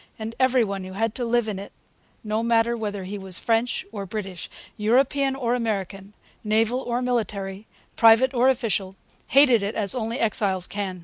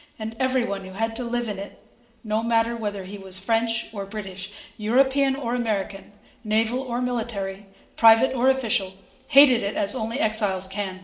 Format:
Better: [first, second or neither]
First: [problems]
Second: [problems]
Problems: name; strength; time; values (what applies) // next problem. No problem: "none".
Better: first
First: none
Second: room echo; dies away in 1.1 s